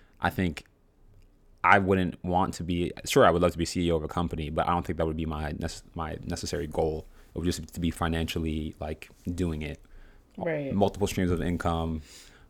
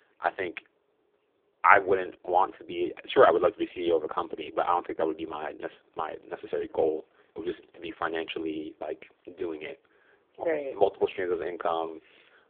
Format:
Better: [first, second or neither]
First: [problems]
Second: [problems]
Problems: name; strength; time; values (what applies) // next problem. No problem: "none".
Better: first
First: none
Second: phone-call audio; poor line; nothing above 3.5 kHz